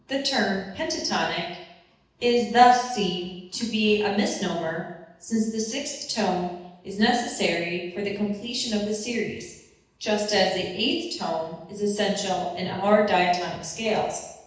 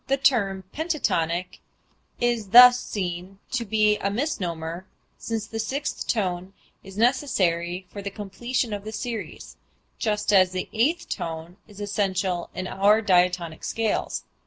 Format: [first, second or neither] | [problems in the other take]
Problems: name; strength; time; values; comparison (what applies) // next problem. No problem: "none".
second | room echo; dies away in 0.8 s